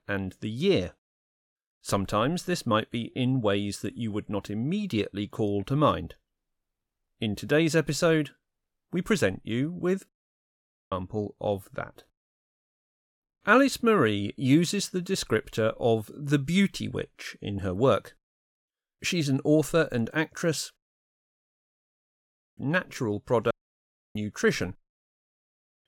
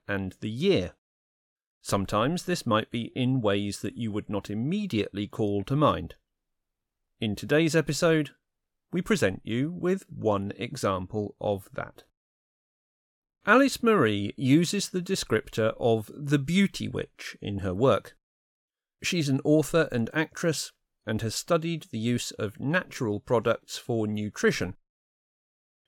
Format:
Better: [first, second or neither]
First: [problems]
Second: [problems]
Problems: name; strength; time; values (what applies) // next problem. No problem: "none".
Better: second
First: audio cutting out; at 10 s for 1 s, at 21 s for 2 s and at 24 s for 0.5 s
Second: none